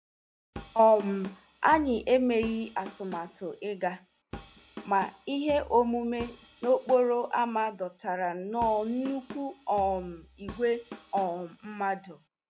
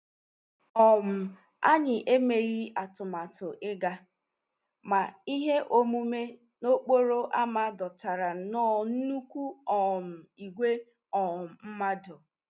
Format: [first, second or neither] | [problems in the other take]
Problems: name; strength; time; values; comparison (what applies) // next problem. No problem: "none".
second | background sound (Drum kit); 18 dB below the speech